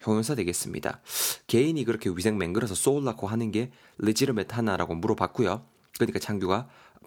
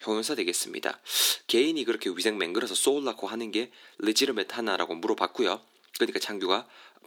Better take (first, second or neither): first